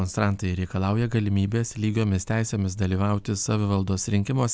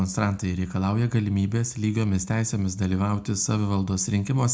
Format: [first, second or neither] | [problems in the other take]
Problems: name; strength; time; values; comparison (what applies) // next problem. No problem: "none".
first | room echo; dies away in 0.2 s